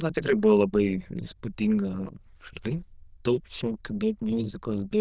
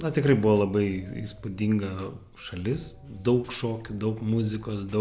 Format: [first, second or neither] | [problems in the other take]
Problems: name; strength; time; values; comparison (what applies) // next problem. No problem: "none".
second | noise reduction (neural diffusion model UNIVERSE++)